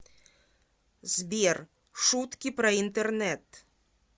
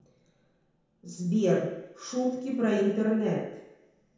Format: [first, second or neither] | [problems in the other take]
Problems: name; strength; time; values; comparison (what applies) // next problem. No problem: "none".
first | room echo; dies away in 0.9 s